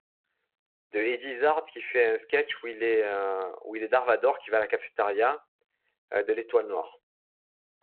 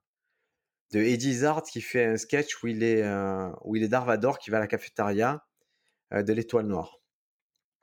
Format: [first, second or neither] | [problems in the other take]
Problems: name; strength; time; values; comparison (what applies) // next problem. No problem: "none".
second | phone-call audio